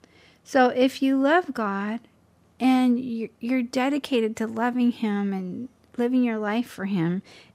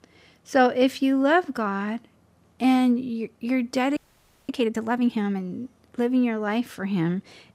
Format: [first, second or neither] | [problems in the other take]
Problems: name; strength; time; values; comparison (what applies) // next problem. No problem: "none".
first | audio freezing; at 4 s for 0.5 s